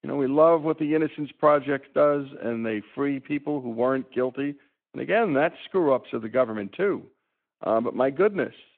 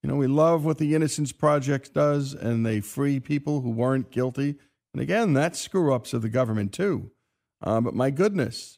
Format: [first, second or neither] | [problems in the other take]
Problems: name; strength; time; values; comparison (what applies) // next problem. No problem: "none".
second | phone-call audio